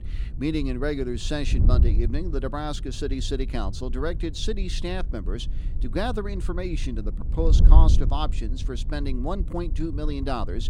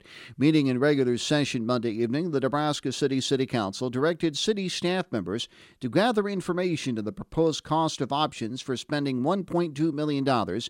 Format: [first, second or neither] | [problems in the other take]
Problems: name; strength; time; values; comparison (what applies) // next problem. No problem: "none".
second | wind noise on the microphone; occasional gusts; 15 dB below the speech